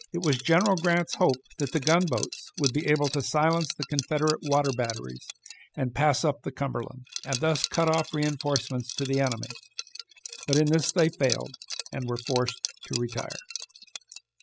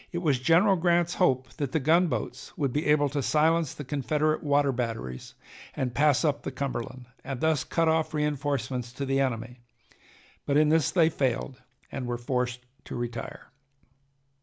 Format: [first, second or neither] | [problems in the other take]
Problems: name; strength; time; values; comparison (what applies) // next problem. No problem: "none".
second | noise reduction (classical method spectral subtraction)